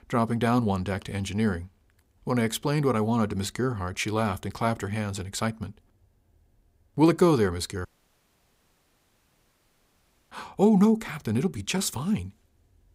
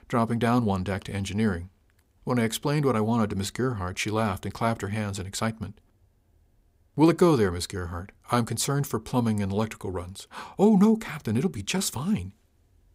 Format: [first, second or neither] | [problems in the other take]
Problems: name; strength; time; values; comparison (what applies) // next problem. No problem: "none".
second | audio cutting out; at 8 s for 2.5 s